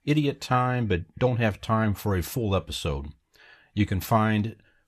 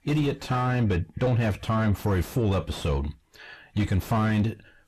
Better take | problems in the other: first | distortion; heavy; 7 dB below the speech

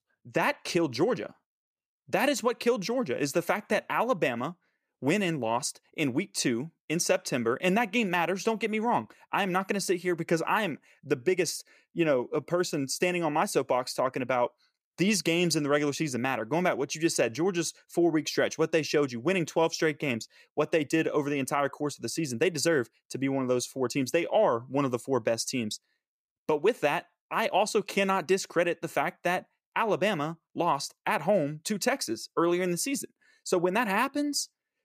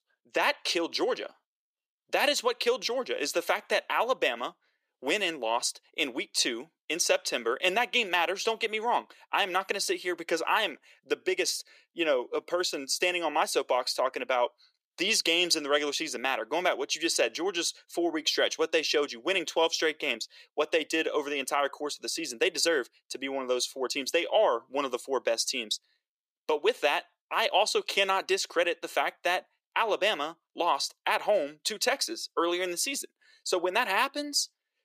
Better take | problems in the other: first | thin; somewhat; fading below 400 Hz

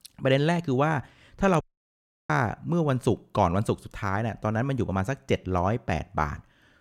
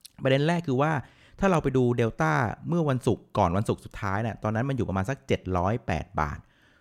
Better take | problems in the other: second | audio cutting out; at 1.5 s for 0.5 s

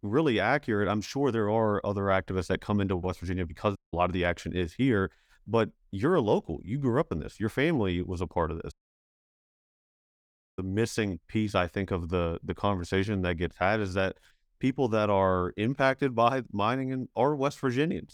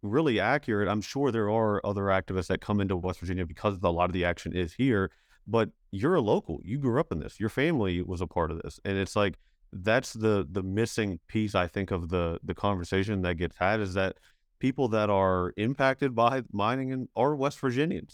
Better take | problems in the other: second | audio cutting out; at 4 s and at 8.5 s for 2 s

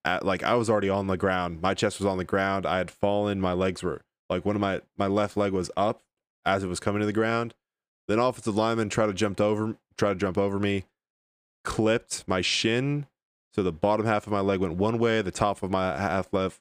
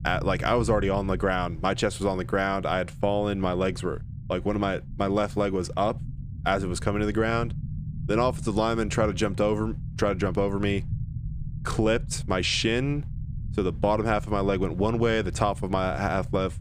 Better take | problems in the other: first | low rumble; faint; throughout; 20 dB below the speech

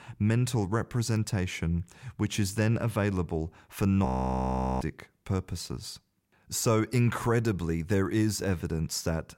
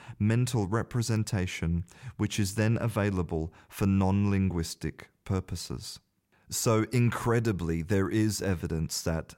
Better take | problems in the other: second | audio freezing; at 4 s for 1 s

